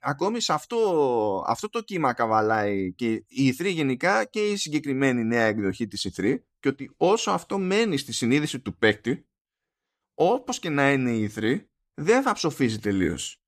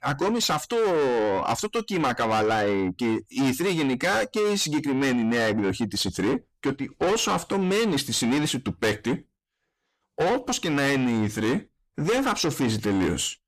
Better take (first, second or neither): first